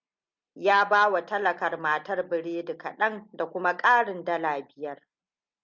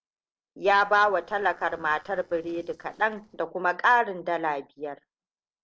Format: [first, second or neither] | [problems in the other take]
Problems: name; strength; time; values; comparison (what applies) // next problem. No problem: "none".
first | noise reduction (neural separator model SepFormer DNS4)